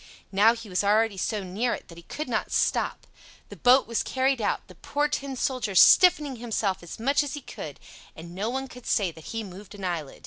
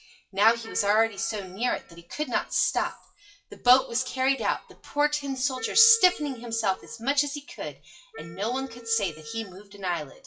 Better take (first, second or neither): first